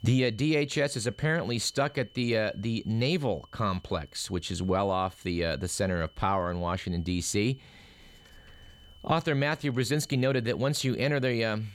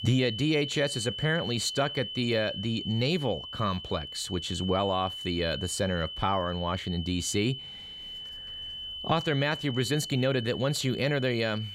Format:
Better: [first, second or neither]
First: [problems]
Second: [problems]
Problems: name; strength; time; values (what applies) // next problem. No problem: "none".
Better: first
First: high-pitched whine; faint; throughout; 3 kHz, 30 dB below the speech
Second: high-pitched whine; loud; throughout; 3 kHz, 8 dB below the speech